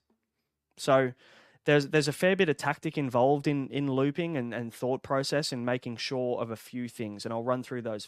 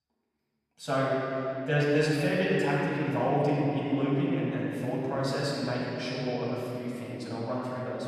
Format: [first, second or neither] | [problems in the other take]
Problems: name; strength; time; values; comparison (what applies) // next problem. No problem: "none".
first | room echo; strong; dies away in 3 s // off-mic speech; far